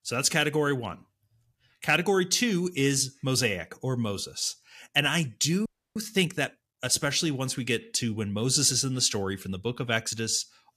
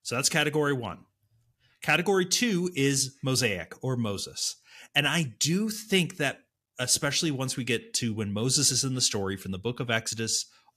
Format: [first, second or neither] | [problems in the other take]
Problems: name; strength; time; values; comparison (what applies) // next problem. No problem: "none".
second | audio freezing; at 5.5 s